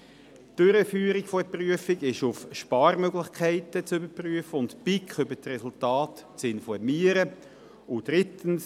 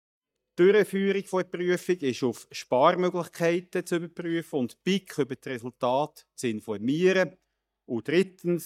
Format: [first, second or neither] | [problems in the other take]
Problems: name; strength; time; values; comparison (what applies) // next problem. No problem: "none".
first | noise reduction (neural mask model DeepFilterNet 3)